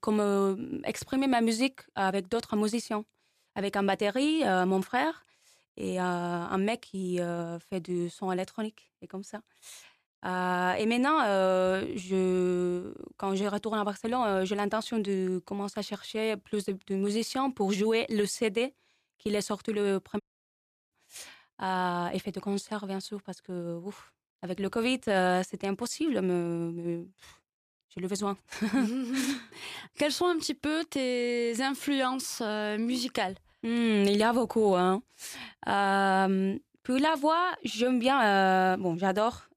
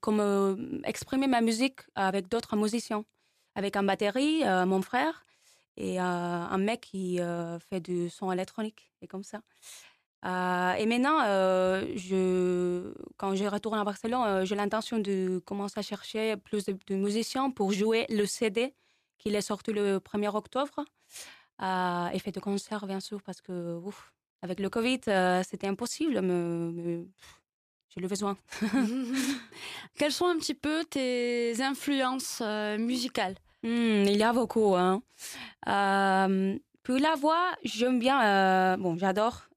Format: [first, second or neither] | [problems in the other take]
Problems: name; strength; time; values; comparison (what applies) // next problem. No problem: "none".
second | audio cutting out; at 20 s for 0.5 s